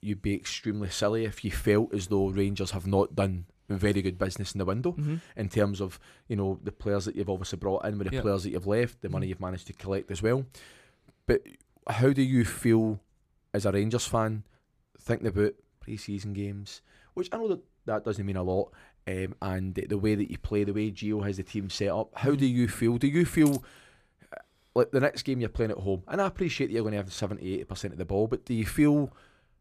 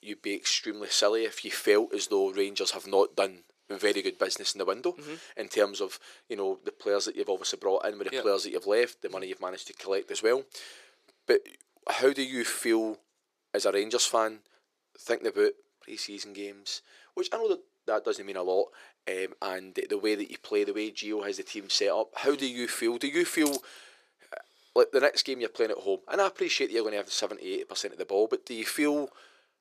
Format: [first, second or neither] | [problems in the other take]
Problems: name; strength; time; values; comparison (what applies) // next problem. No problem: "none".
first | thin; somewhat; fading below 400 Hz